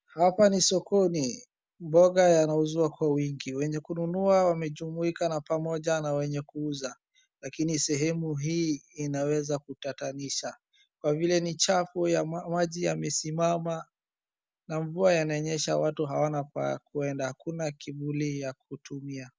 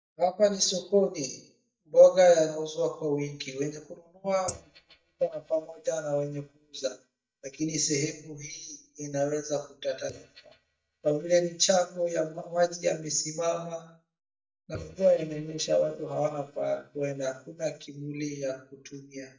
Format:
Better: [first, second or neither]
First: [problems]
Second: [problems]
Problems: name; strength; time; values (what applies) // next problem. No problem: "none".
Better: first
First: none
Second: noise reduction (neural mask model DeepFilterNet 3)